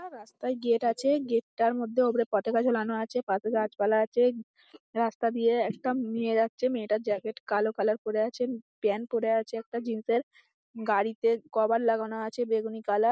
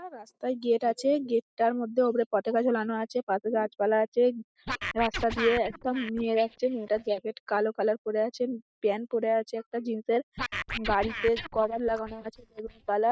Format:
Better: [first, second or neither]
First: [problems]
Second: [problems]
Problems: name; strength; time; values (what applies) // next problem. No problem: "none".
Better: first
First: none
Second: noise reduction (neural mask model DeepFilterNet 3)